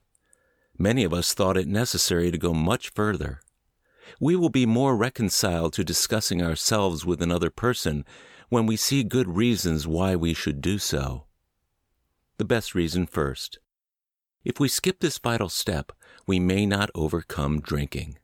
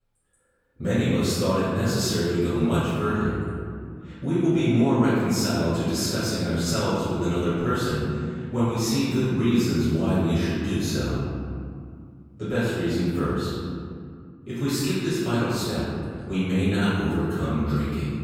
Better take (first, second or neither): first